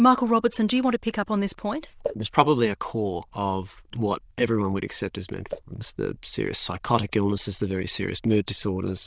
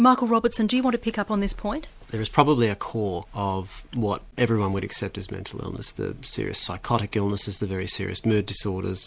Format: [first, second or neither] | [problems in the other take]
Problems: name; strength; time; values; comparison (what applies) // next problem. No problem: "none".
second | noise reduction (neural diffusion model UNIVERSE++)